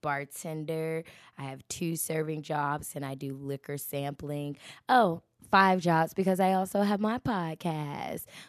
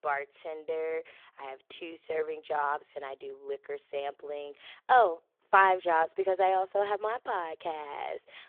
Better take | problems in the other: first | phone-call audio

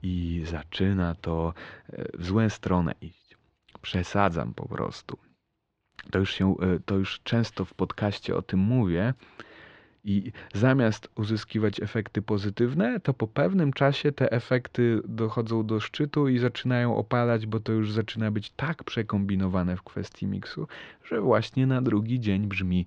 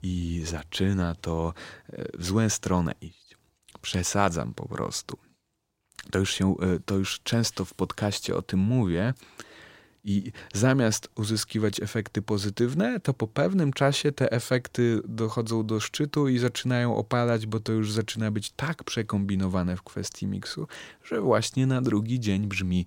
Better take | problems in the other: second | muffled; slightly; fading above 3.5 kHz

